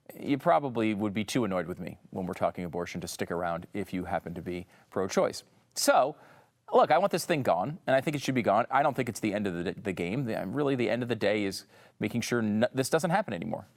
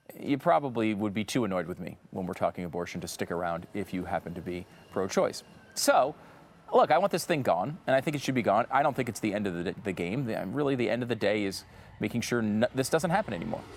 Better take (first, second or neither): first